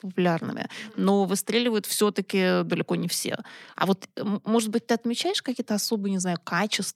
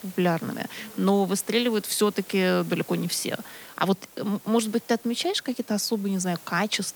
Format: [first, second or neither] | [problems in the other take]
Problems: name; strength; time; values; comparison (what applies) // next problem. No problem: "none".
first | hiss; noticeable; throughout; 20 dB below the speech